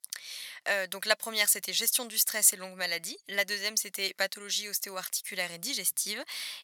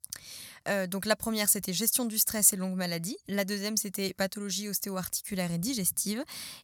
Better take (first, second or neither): second